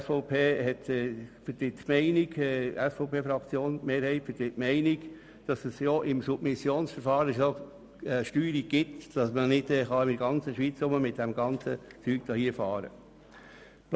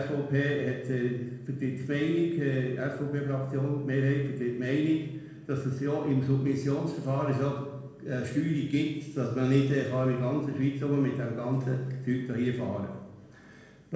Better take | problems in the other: first | room echo; dies away in 1 s

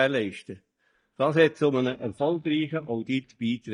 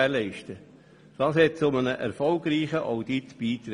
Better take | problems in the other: second | noise reduction (neural mask model DeepFilterNet 3)

